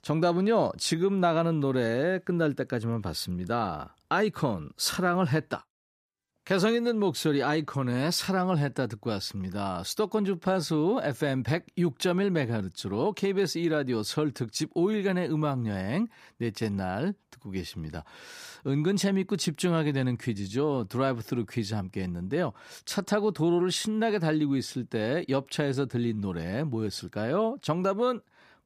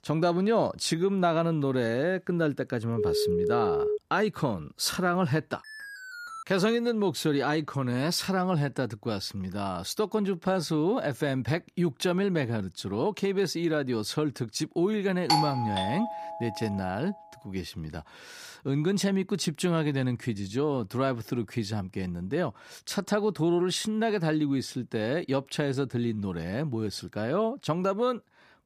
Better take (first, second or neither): first